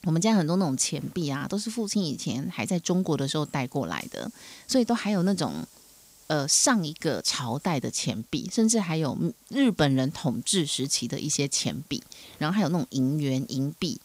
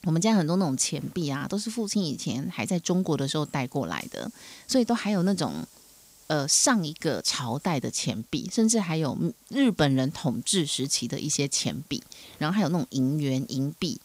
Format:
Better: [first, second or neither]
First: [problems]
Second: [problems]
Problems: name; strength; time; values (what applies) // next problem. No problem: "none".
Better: neither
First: hiss; faint; throughout; 25 dB below the speech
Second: hiss; faint; throughout; 25 dB below the speech